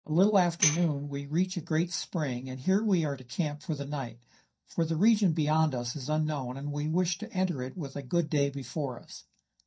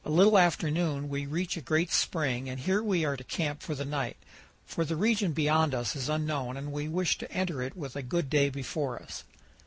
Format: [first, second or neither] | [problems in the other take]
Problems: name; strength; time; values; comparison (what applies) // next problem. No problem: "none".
second | noise reduction (neural mask model DeepFilterNet 3)